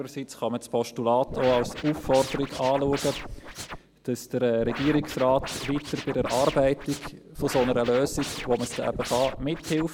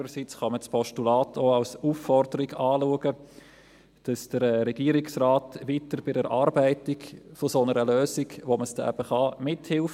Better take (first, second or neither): second